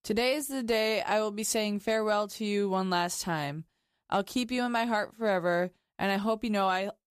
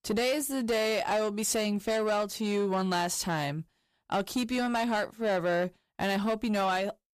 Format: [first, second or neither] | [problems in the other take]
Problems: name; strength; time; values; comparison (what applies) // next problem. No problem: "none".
first | distortion; slight; 10 dB below the speech